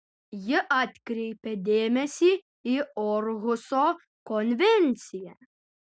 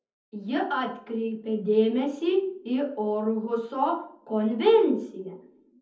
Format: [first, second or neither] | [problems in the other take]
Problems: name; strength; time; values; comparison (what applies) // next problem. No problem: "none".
first | room echo; dies away in 0.6 s